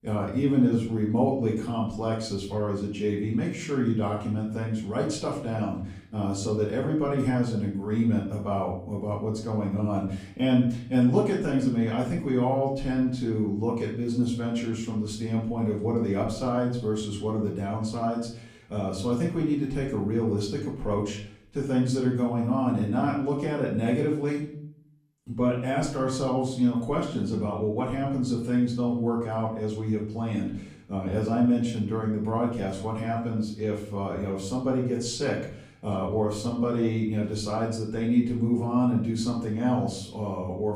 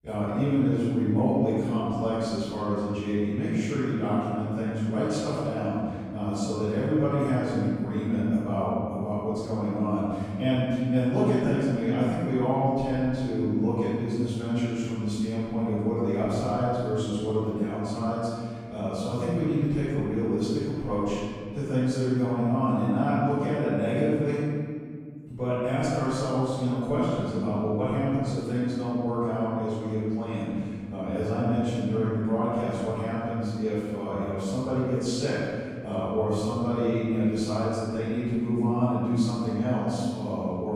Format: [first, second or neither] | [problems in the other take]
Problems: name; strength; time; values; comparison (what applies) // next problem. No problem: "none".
first | room echo; strong; dies away in 1.9 s; slight in the first // off-mic speech; far; far in the first